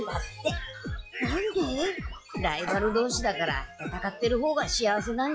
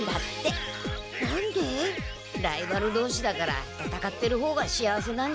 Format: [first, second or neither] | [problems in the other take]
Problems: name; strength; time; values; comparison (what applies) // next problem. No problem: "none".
second | noise reduction (classical method log-MMSE)